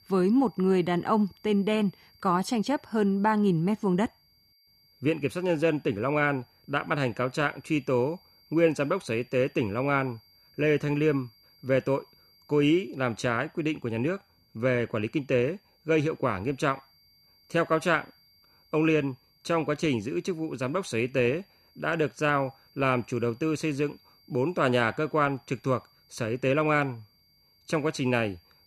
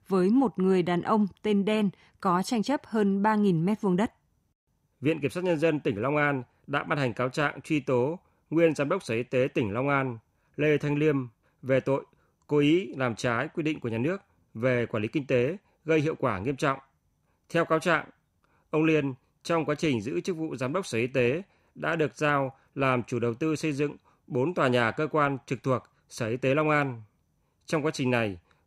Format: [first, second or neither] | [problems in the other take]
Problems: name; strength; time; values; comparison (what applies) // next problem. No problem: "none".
second | high-pitched whine; faint; throughout; 4.5 kHz, 30 dB below the speech